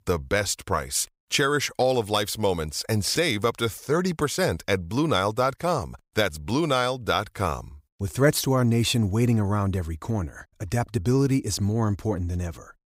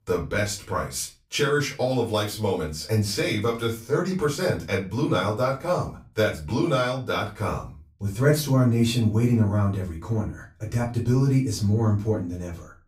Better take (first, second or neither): first